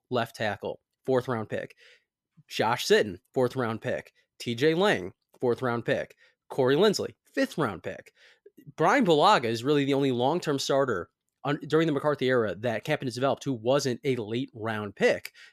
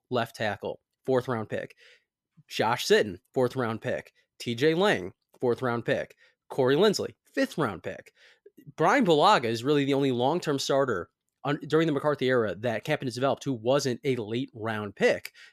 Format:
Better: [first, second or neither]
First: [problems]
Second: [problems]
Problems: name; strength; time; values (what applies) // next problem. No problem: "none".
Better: neither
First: none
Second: none